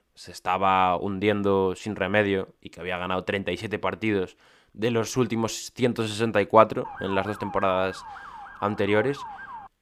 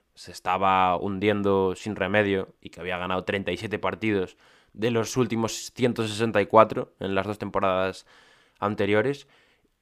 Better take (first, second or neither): second